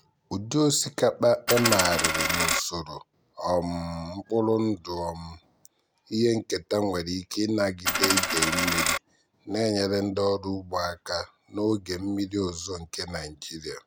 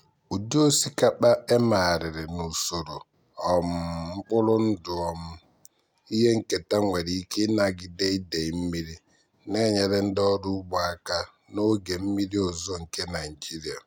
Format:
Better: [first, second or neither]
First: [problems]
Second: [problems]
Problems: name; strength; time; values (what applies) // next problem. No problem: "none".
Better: second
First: background sound (Coin (dropping)); 3 dB above the speech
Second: none